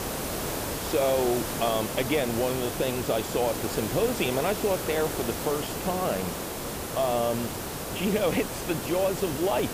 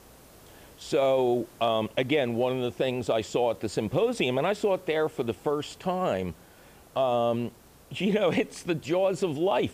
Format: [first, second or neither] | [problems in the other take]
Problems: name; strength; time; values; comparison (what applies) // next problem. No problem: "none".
second | hiss; loud; throughout; 4 dB below the speech; faint in the second